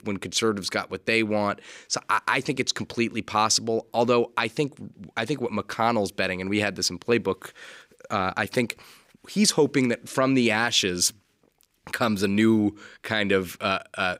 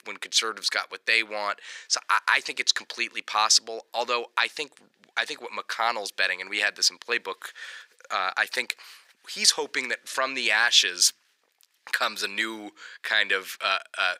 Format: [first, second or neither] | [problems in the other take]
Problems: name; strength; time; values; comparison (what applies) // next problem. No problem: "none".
first | thin; very; fading below 800 Hz